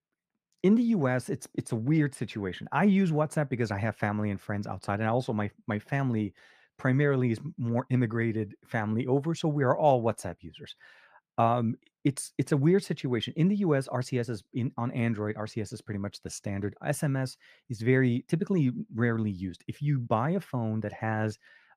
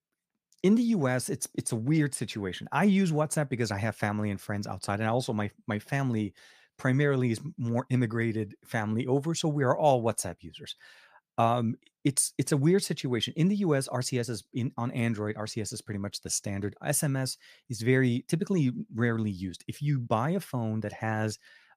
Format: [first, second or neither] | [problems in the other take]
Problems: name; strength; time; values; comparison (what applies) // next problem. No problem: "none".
second | muffled; slightly; fading above 3.5 kHz